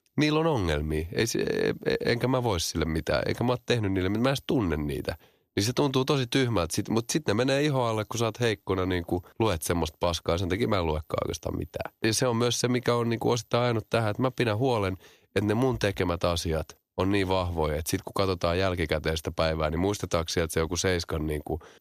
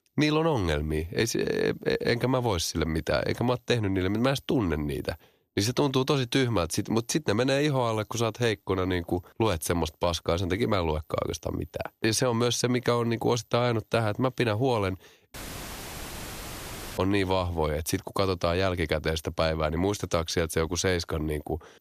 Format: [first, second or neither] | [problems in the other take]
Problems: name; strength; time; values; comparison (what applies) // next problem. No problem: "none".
first | audio cutting out; filled with static; at 15 s for 1.5 s